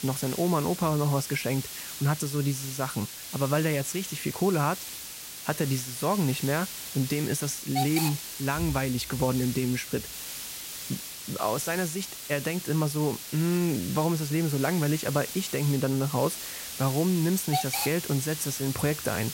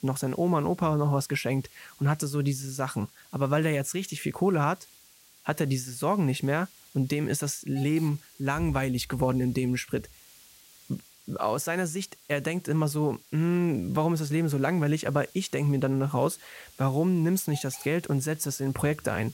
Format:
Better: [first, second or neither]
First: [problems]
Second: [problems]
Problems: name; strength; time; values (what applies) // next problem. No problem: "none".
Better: second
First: hiss; loud; throughout; 6 dB below the speech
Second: hiss; faint; throughout; 25 dB below the speech